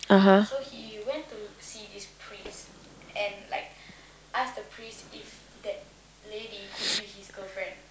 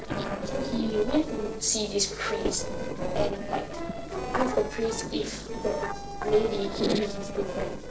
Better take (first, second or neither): first